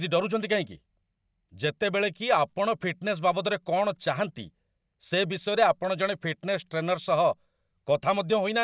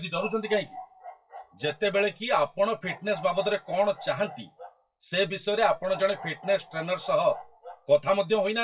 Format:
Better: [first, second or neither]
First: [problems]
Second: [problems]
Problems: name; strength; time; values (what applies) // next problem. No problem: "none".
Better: first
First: none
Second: noise reduction (classical method WPE with log-MMSE)